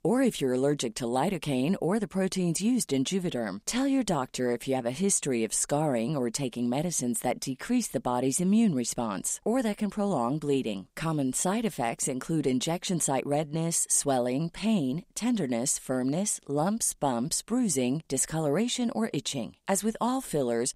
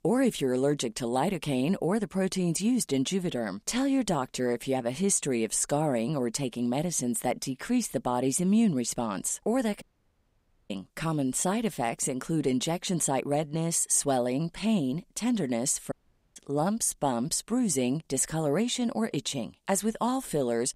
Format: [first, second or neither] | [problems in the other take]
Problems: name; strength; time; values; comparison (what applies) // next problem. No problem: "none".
first | audio cutting out; at 10 s for 1 s and at 16 s